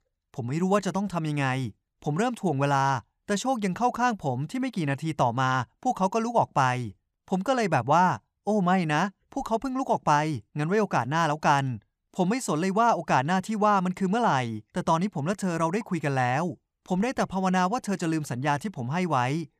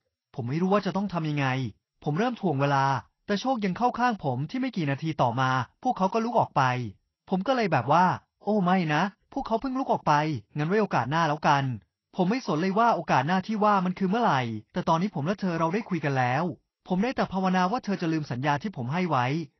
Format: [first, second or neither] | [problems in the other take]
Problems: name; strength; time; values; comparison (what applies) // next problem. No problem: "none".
first | garbled, watery; slightly; nothing above 6 kHz